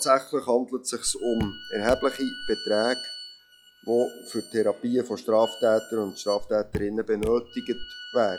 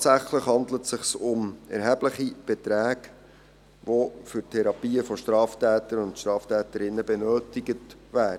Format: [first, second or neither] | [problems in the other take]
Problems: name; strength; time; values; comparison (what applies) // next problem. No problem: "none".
second | noise reduction (classical method log-MMSE)